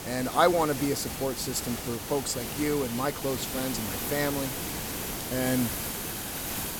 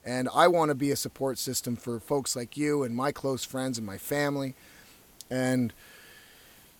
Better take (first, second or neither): second